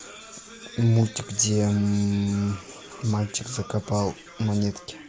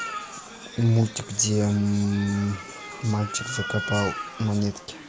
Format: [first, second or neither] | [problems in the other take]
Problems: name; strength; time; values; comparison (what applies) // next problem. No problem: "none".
first | background sound (Cat); 12 dB below the speech